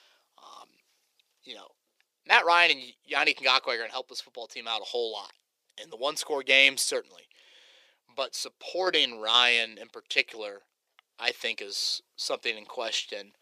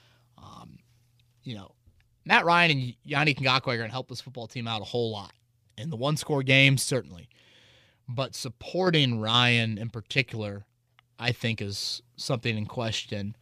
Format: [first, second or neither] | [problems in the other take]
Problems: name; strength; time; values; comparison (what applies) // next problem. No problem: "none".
second | thin; very; fading below 400 Hz